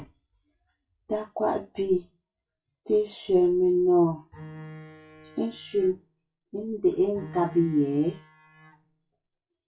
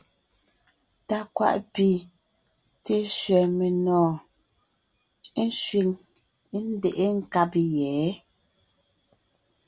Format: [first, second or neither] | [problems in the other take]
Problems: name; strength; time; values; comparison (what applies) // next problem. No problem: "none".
second | noise reduction (classical method WPE with log-MMSE)